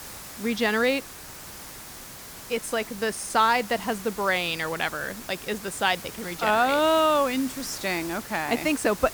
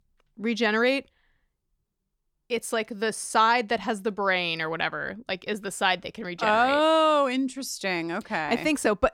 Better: second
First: hiss; noticeable; throughout; 15 dB below the speech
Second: none

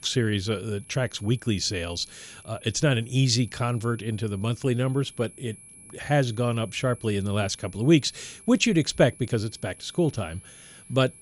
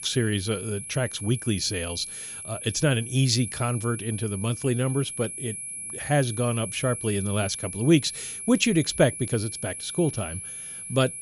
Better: first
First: high-pitched whine; faint; throughout; 10.5 kHz, 20 dB below the speech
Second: high-pitched whine; loud; throughout; 10.5 kHz, 8 dB below the speech

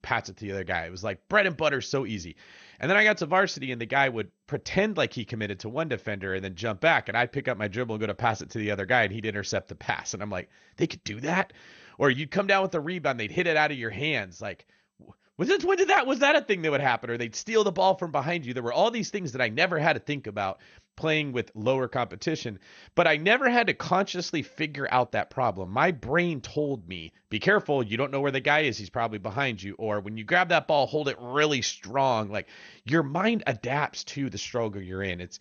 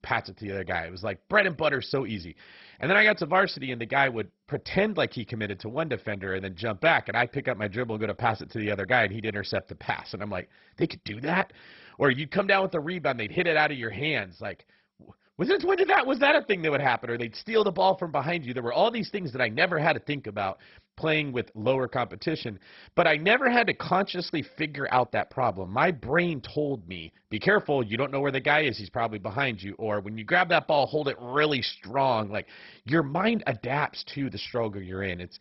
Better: first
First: garbled, watery; slightly; nothing above 6.5 kHz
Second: garbled, watery; badly; nothing above 5.5 kHz

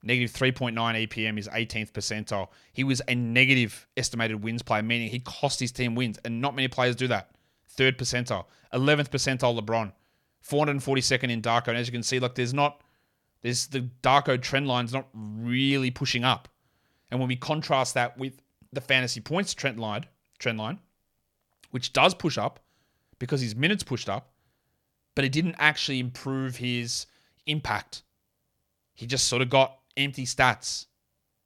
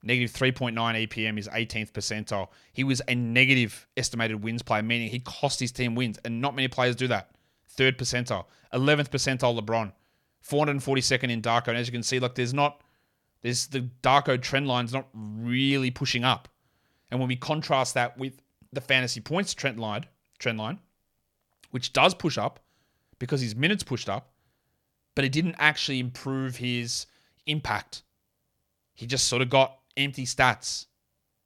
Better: neither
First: none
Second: none

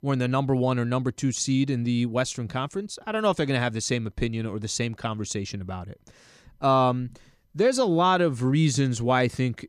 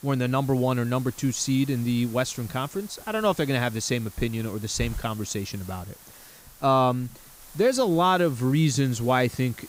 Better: first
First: none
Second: hiss; noticeable; throughout; 20 dB below the speech

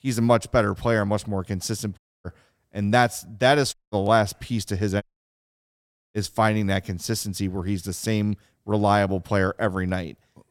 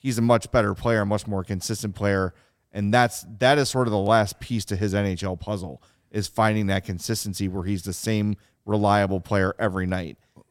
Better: second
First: audio cutting out; at 2 s, at 3.5 s and at 5 s for 1 s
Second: none

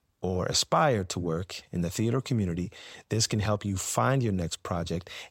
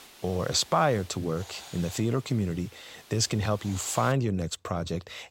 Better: first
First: none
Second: hiss; noticeable; until 4 s; 20 dB below the speech

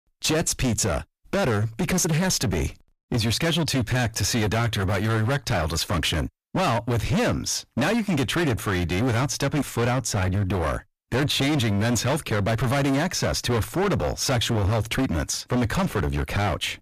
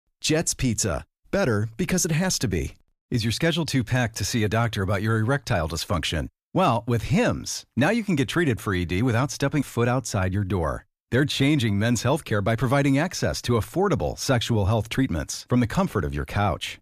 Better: second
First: distortion; heavy; 28% of the sound clipped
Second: none

